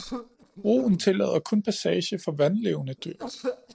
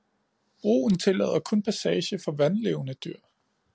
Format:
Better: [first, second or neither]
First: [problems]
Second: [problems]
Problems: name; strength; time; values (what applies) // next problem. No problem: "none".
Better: second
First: noise reduction (neural separator model SepFormer DNS4)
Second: none